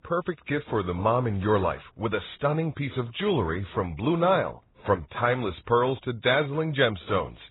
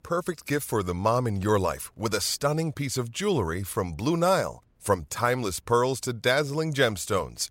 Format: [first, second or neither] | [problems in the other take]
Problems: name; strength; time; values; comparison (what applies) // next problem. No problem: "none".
second | garbled, watery; badly; nothing above 4 kHz